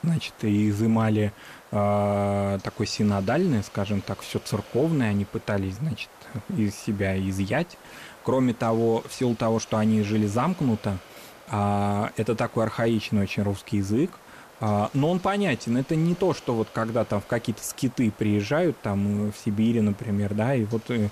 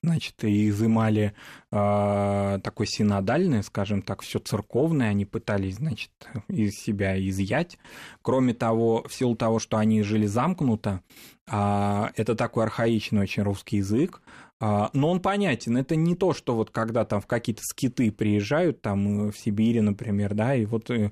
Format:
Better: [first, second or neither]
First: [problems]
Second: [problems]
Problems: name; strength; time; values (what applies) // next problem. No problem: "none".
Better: second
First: hiss; faint; throughout; 20 dB below the speech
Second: none